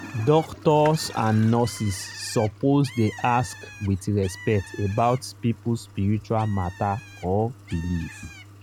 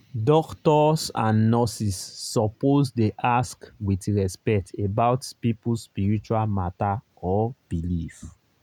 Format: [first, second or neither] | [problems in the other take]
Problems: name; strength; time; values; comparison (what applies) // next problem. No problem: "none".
second | background sound (Bird + Toilet flush); 18 dB below the speech